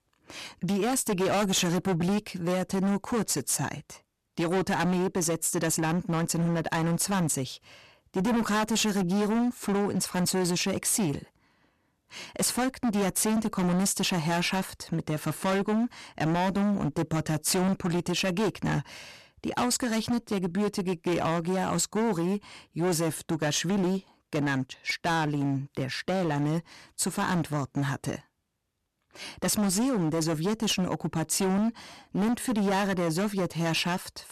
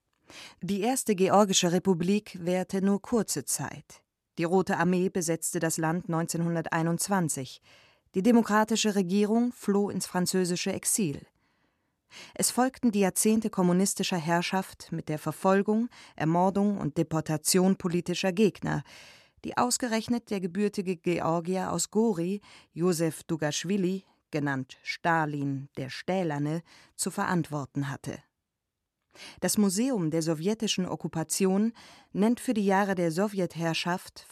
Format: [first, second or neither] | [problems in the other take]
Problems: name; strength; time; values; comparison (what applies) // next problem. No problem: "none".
second | distortion; heavy; 21% of the sound clipped